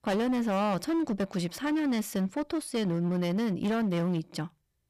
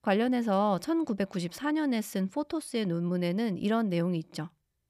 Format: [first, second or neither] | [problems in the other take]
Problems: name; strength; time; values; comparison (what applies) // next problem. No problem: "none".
second | distortion; slight; 17% of the sound clipped